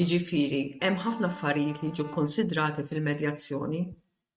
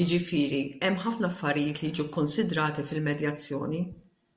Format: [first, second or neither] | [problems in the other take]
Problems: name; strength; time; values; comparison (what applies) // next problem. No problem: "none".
second | noise reduction (neural mask model RNNoise)